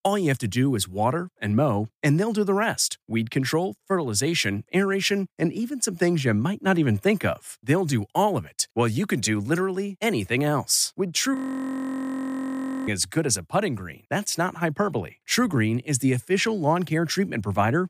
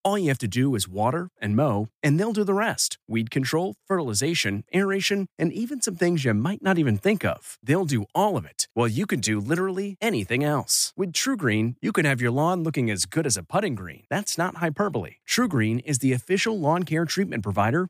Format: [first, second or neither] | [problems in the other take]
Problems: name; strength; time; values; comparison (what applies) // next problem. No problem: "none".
second | audio freezing; at 11 s for 1.5 s